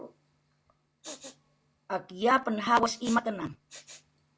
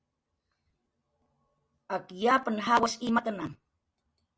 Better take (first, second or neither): second